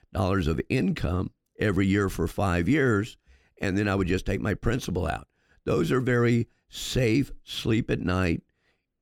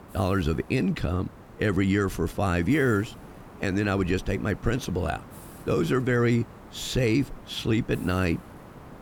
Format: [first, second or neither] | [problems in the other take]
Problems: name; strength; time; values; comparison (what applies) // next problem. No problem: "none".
first | hiss; noticeable; throughout; 20 dB below the speech